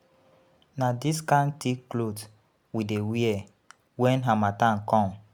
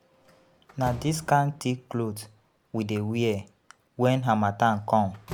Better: first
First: none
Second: background sound (Slam); 19 dB below the speech

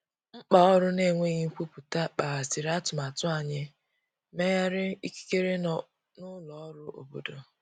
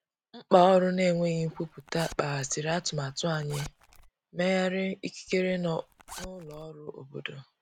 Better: first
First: none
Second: background sound (Zipper (clothing)); 19 dB below the speech

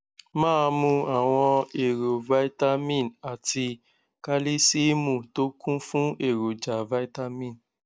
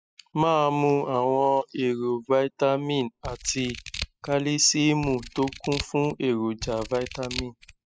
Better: first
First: none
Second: noise reduction (classical method spectral subtraction)

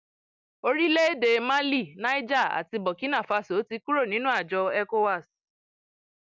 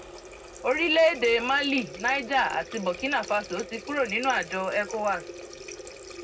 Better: first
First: none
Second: background sound (Water tap, faucet); 14 dB below the speech // room echo; dies away in 0.3 s

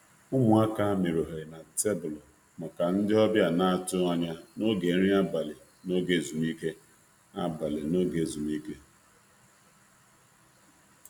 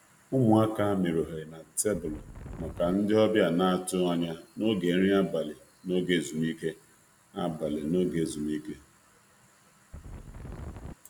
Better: first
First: none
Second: background sound (Wind); 12 dB below the speech

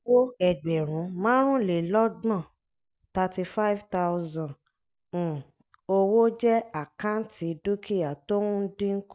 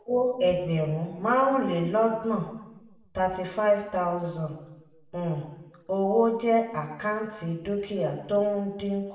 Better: first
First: none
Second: room echo; dies away in 1 s

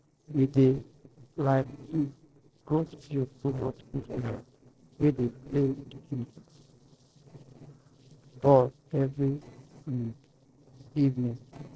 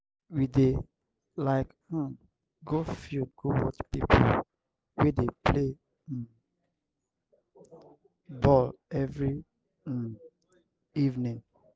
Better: second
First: noise reduction (neural separator model SepFormer DNS4)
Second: none

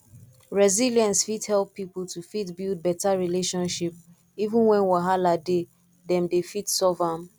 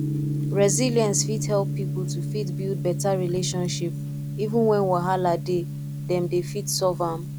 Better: first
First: none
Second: background sound (Gong); 3 dB below the speech

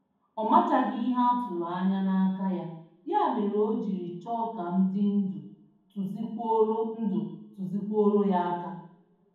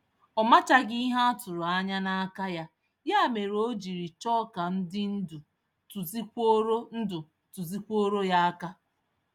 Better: second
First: room echo; dies away in 1.2 s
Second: none

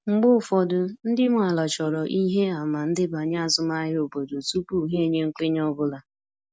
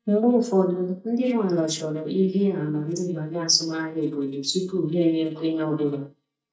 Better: first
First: none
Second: noise reduction (neural mask model DeepFilterNet 3)

